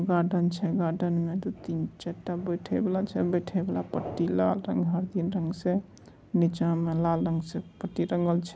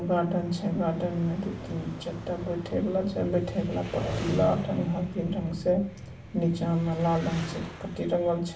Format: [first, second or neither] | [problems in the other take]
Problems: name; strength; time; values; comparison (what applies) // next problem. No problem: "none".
first | background sound (Engine); 12 dB below the speech // room echo; dies away in 0.3 s